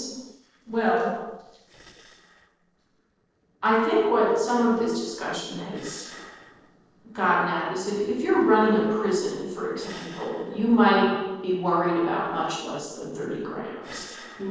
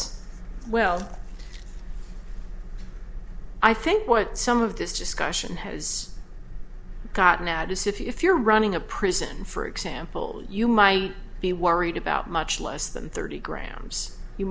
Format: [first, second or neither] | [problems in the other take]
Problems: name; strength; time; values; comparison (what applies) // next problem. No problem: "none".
second | noise reduction (neural separator model SepFormer DNS4)